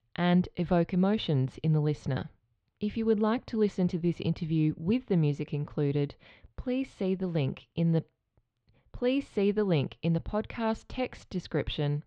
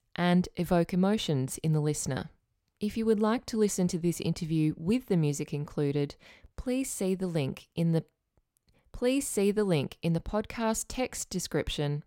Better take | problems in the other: second | muffled; slightly; fading above 3.5 kHz

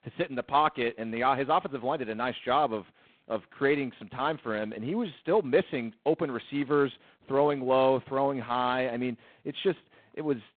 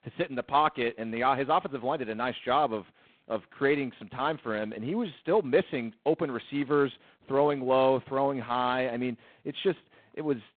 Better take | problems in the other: neither | phone-call audio; poor line; nothing above 3.5 kHz; the same in both

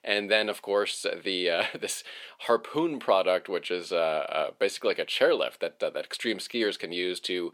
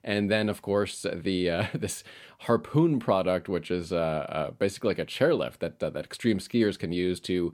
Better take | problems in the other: second | thin; somewhat; fading below 500 Hz

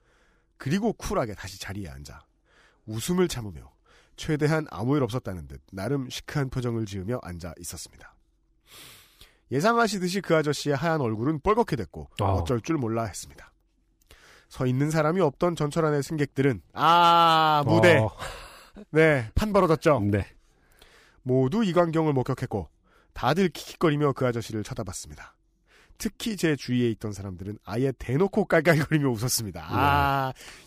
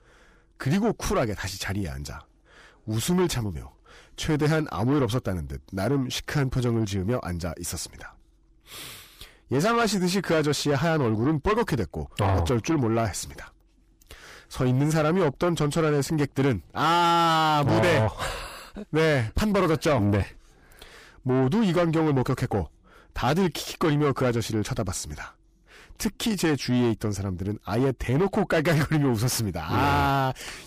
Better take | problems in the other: first | distortion; heavy; 7 dB below the speech

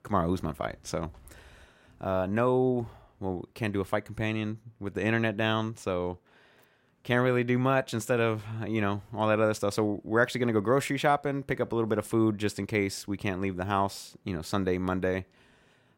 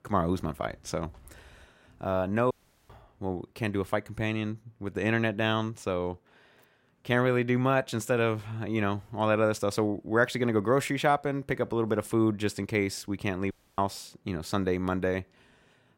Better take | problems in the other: first | audio cutting out; at 2.5 s and at 14 s

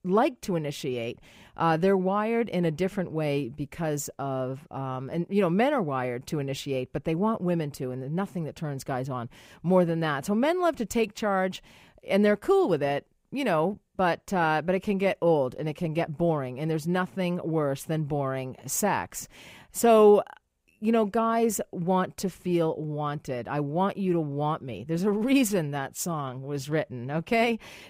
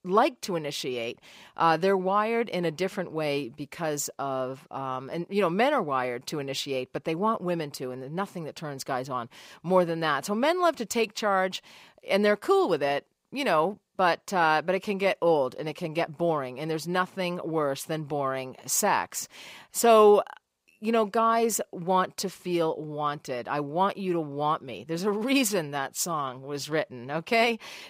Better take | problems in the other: first | thin; very slightly; fading below 400 Hz

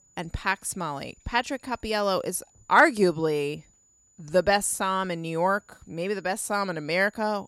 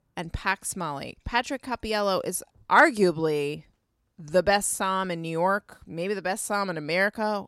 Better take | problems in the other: second | high-pitched whine; faint; throughout; 7 kHz, 35 dB below the speech

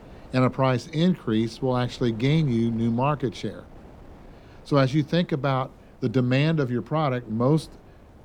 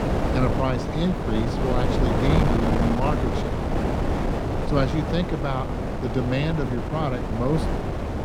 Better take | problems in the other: first | wind noise on the microphone; heavy; 1 dB above the speech; occasional gusts in the first

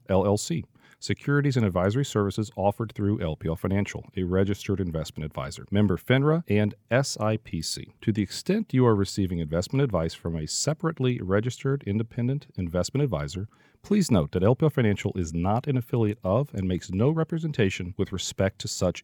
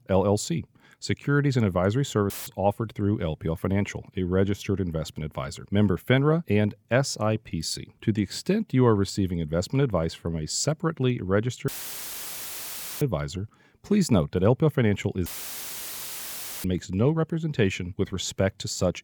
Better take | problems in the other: first | audio cutting out; filled with static; at 2.5 s, at 12 s for 1.5 s and at 15 s for 1.5 s

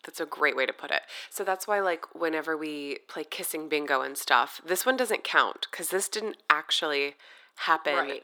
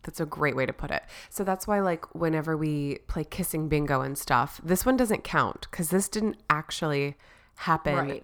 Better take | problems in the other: second | thin; somewhat; fading below 350 Hz

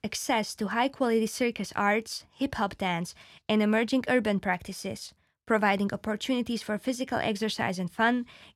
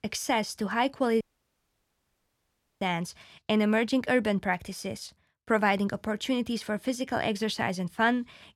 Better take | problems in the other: first | audio cutting out; at 1 s for 1.5 s

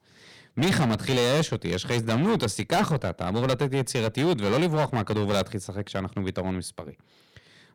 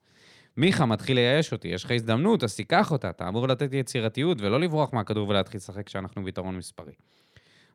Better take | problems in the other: second | distortion; heavy; 12% of the sound clipped

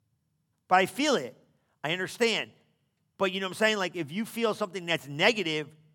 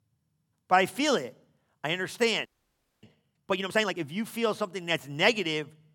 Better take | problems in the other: first | audio freezing; at 2.5 s for 0.5 s

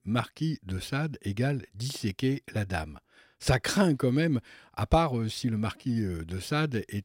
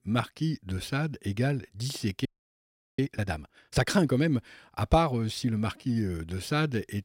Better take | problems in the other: first | audio freezing; at 2.5 s for 0.5 s

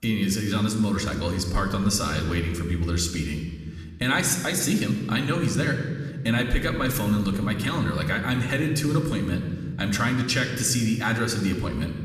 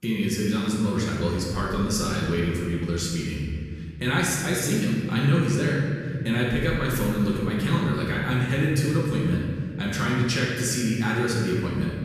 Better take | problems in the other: first | room echo; strong; dies away in 2.6 s; slight in the first // off-mic speech; far; somewhat distant in the first

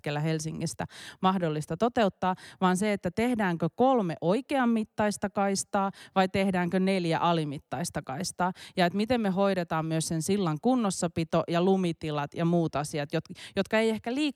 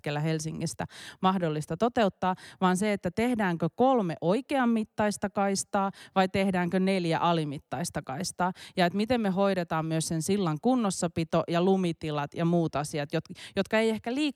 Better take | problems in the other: neither | none

